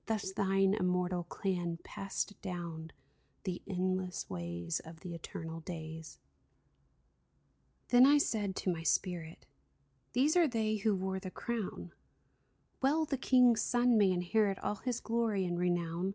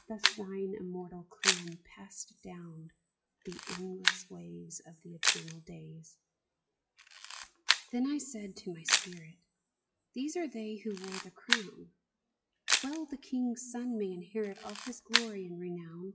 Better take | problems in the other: first | noise reduction (classical method WPE with log-MMSE)

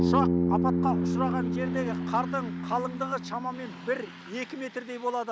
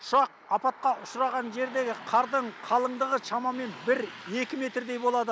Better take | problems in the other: second | background sound (Bass guitar); 3 dB above the speech

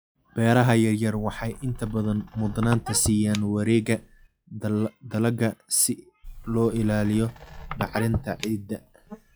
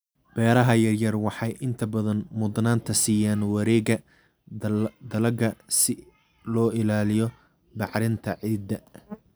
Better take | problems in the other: second | noise reduction (classical method log-MMSE)

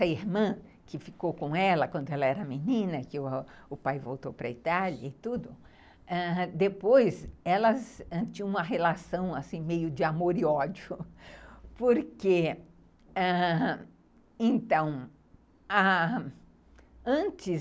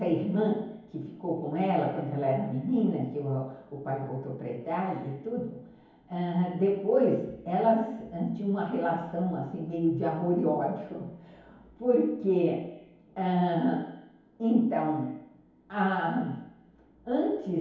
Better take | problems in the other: first | room echo; dies away in 2.2 s

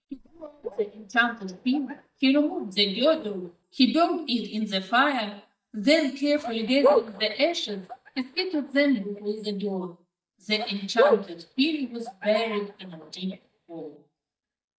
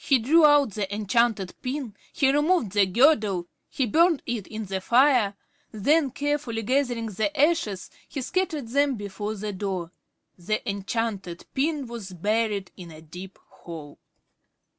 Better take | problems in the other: second | noise reduction (neural mask model DeepFilterNet 3)

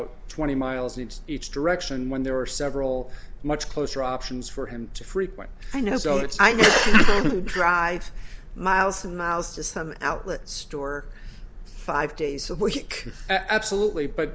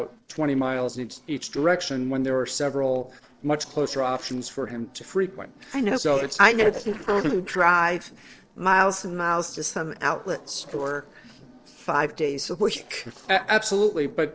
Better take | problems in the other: first | noise reduction (neural separator model SepFormer DNS4)

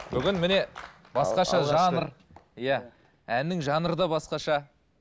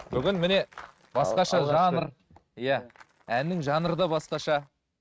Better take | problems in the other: first | noise reduction (neural mask model RNNoise)

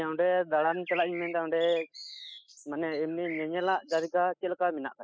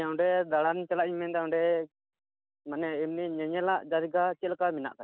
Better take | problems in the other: second | noise reduction (classical method spectral subtraction)

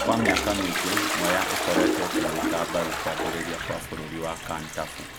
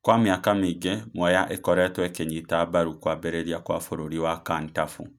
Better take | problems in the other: second | background sound (Toilet flush); 2 dB above the speech

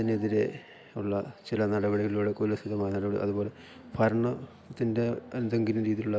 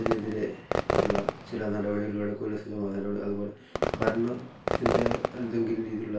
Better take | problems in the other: first | background sound (Fireworks); 1 dB below the speech // room echo; dies away in 0.3 s

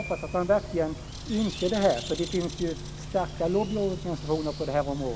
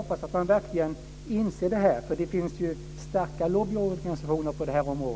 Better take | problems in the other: second | background sound (Bird); 12 dB below the speech

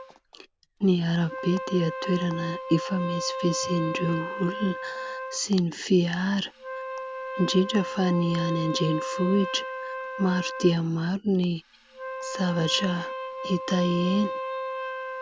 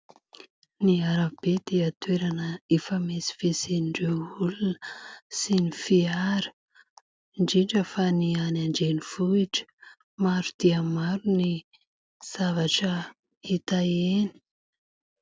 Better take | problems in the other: second | background sound (Wind instrument, woodwind instrument); 8 dB below the speech

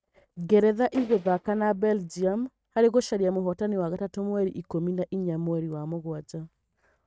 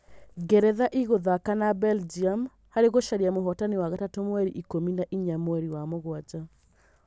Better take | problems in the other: second | noise reduction (neural mask model RNNoise)

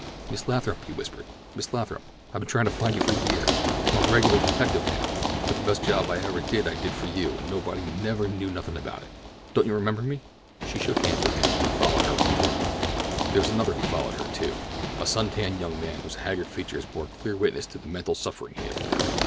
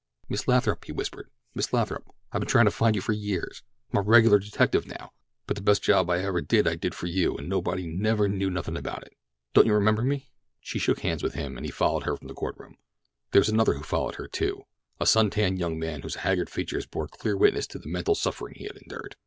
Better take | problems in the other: second | background sound (Run); as loud as the speech

